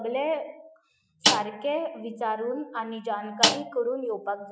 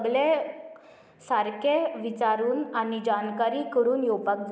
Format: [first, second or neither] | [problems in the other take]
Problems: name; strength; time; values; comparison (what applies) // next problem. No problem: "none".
second | noise reduction (classical method Wiener filter)